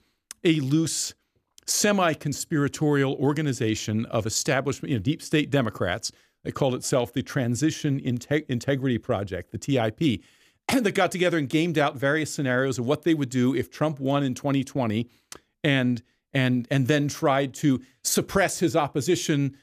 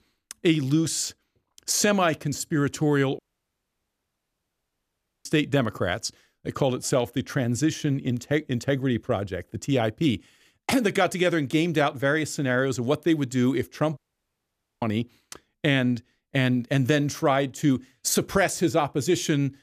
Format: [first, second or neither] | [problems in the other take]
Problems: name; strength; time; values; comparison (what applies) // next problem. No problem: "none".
first | audio cutting out; at 3 s for 2 s and at 14 s for 1 s